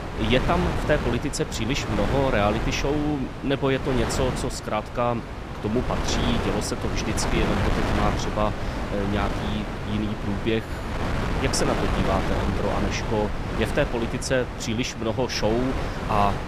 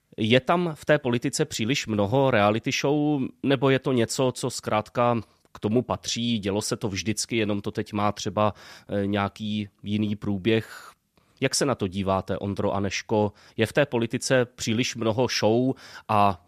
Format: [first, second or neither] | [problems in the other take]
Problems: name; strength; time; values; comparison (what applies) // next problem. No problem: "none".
second | wind noise on the microphone; heavy; 3 dB below the speech